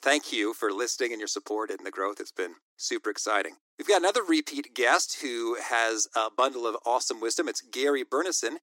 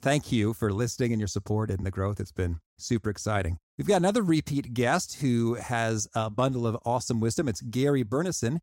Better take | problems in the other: second | thin; very; fading below 300 Hz

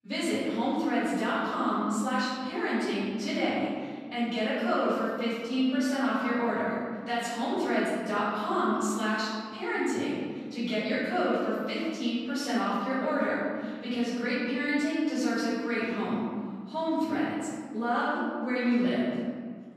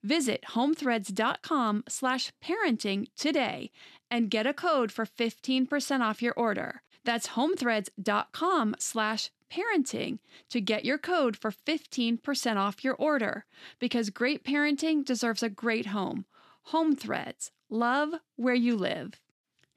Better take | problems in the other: second | room echo; strong; dies away in 1.8 s // off-mic speech; far

